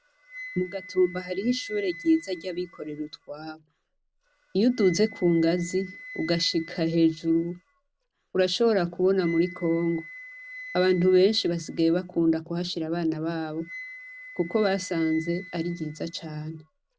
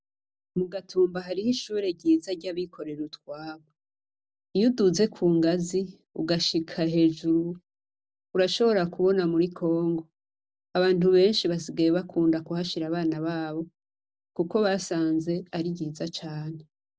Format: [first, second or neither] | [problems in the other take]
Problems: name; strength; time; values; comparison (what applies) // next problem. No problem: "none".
second | background sound (Wind instrument, woodwind instrument); 18 dB below the speech